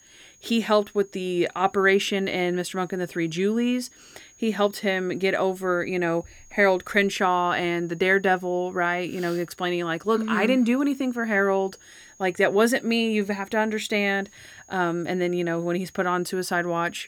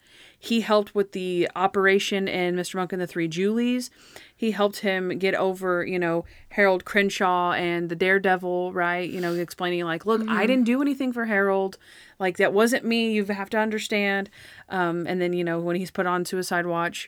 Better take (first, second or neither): second